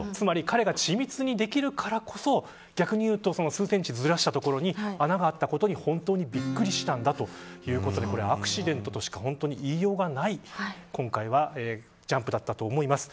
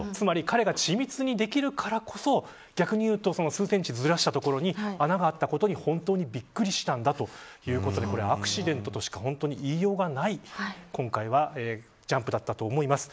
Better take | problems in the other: second | background sound (Acoustic guitar / Strum); 17 dB below the speech

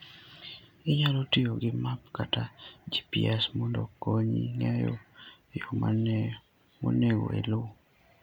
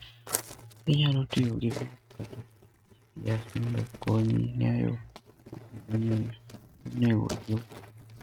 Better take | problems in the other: first | noise reduction (neural mask model RNNoise)

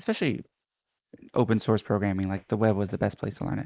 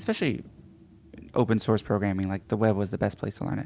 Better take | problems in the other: second | noise reduction (neural mask model Resemble Enhance denoiser)

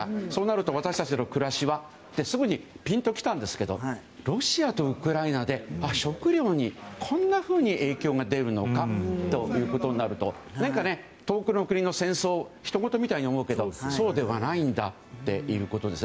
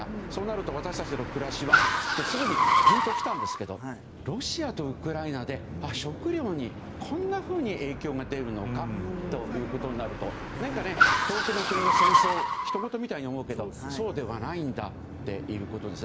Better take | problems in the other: first | background sound (Car); 4 dB above the speech

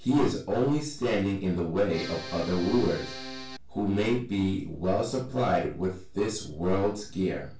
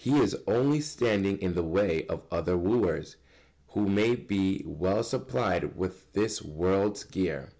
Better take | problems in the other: second | background sound (Accordion); 11 dB below the speech // room echo; dies away in 0.3 s

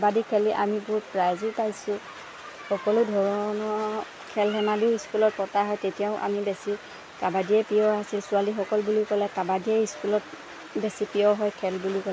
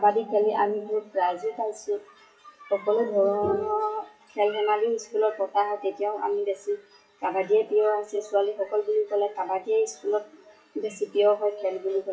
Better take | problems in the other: first | noise reduction (classical method WPE with log-MMSE)

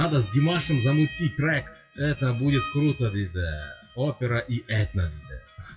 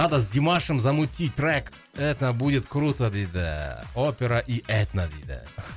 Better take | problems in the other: second | noise reduction (classical method WPE with log-MMSE)

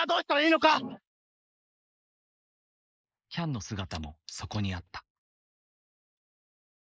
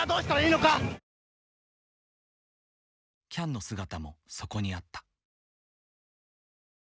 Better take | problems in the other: second | noise reduction (neural mask model Resemble Enhance denoiser)

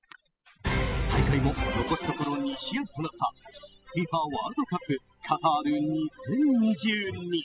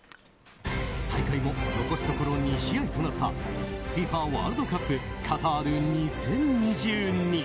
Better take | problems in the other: second | noise reduction (classical method spectral subtraction)

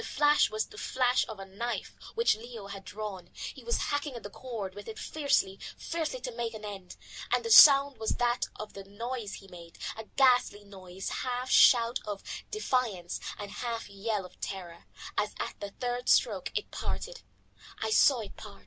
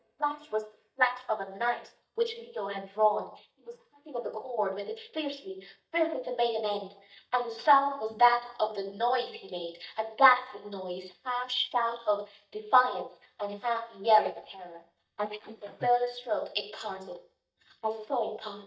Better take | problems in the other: first | noise reduction (neural mask model DeepFilterNet 3)

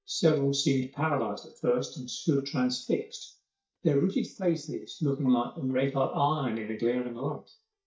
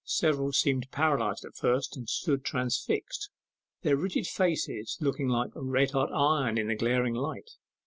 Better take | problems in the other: second | noise reduction (neural mask model DeepFilterNet 3)

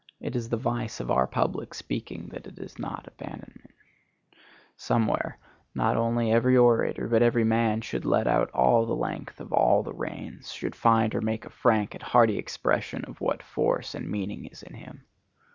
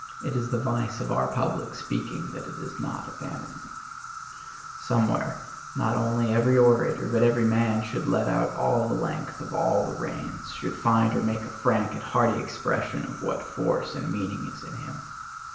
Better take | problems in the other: first | background sound (Insect); 13 dB below the speech // room echo; dies away in 0.8 s

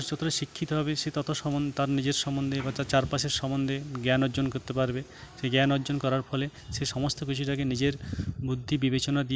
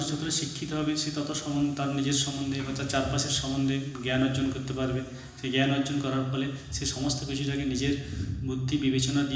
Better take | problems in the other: first | room echo; dies away in 1 s

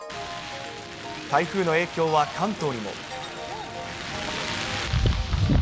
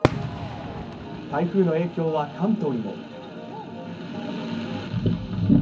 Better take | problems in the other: first | background sound (Fireworks); 5 dB below the speech // room echo; dies away in 0.4 s

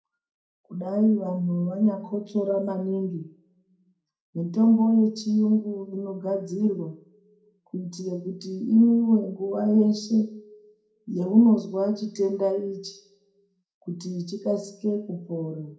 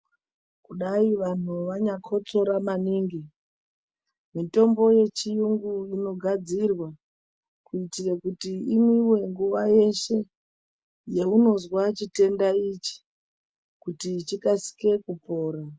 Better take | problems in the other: second | room echo; dies away in 0.4 s

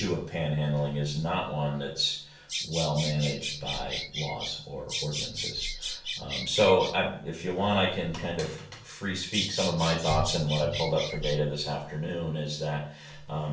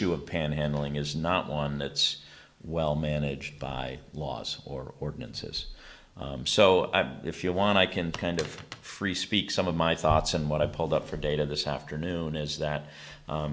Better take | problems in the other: second | background sound (Bird vocalization, bird call, bird song); 6 dB below the speech // room echo; dies away in 0.4 s

